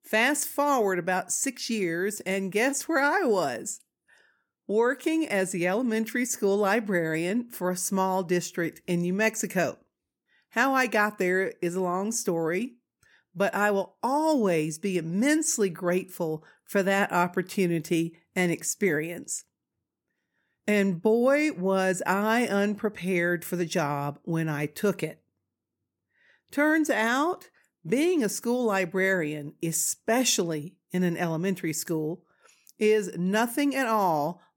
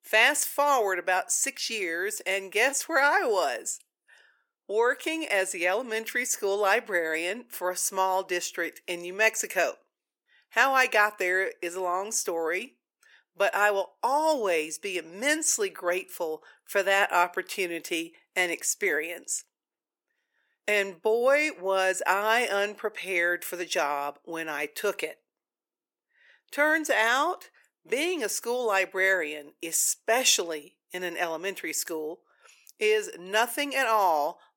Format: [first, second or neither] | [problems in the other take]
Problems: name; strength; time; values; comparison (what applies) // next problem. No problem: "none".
first | thin; very; fading below 450 Hz